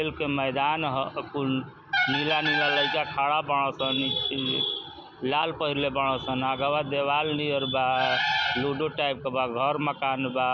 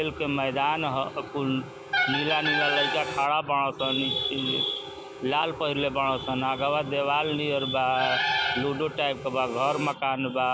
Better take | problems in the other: first | background sound (Harmonica); 16 dB below the speech

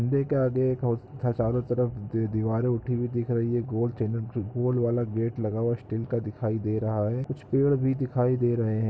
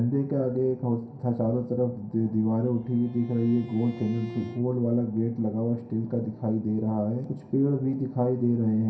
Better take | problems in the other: first | background sound (Bowed string instrument); 17 dB below the speech // room echo; dies away in 0.5 s

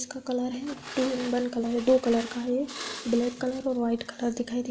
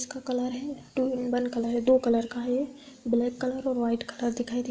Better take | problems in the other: second | background sound (Glass); 14 dB below the speech

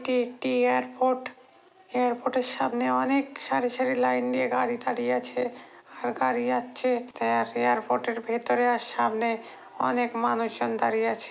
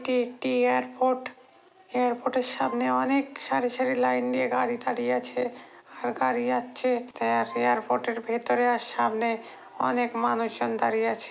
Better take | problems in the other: first | background sound (Wind instrument, woodwind instrument); 18 dB below the speech

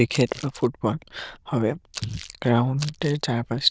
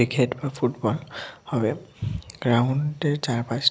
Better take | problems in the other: second | noise reduction (neural diffusion model UNIVERSE++)

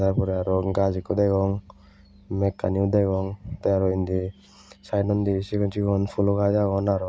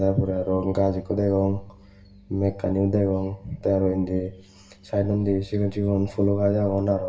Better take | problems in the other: first | room echo; dies away in 0.6 s

